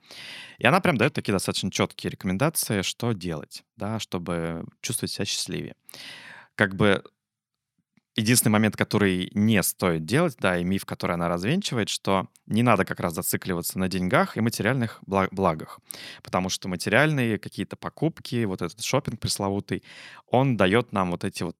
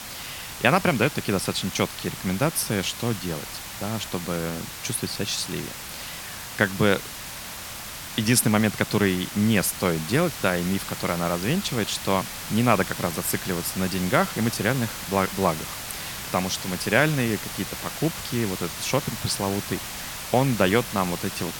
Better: first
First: none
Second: hiss; loud; throughout; 8 dB below the speech

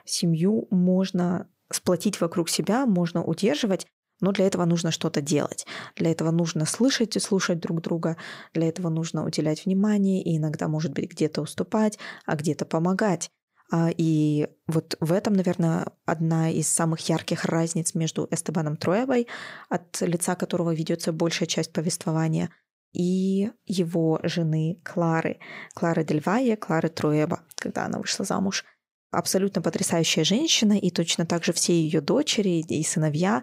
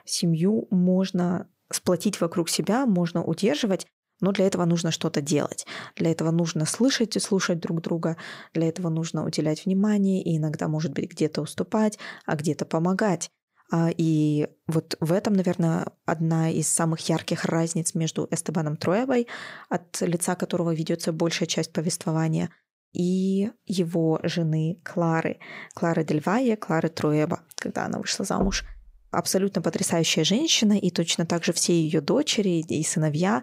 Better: first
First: none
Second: door banging; noticeable; at 28 s; peak 8 dB below the speech

